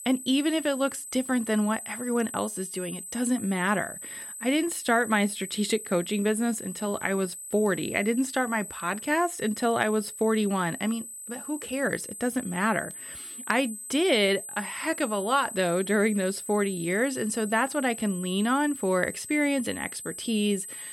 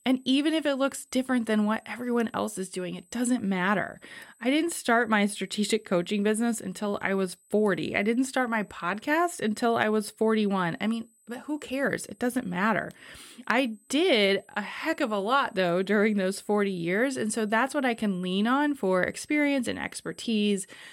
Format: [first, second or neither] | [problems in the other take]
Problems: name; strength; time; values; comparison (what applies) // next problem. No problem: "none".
second | high-pitched whine; loud; throughout; 8 kHz, 10 dB below the speech; faint in the second